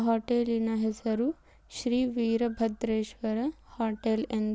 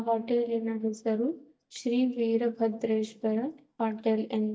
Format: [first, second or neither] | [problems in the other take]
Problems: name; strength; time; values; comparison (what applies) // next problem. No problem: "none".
first | noise reduction (neural mask model DeepFilterNet 3)